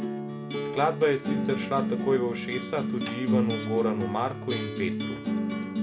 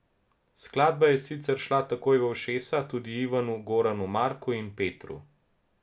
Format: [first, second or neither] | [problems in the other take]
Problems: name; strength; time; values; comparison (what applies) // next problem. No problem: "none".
second | background sound (Acoustic guitar); as loud as the speech